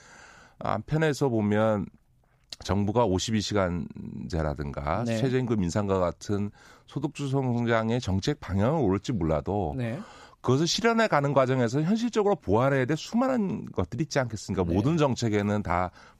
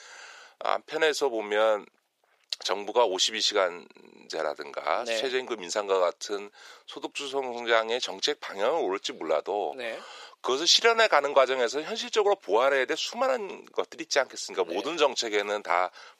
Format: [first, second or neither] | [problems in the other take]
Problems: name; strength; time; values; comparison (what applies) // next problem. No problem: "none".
first | thin; very; fading below 450 Hz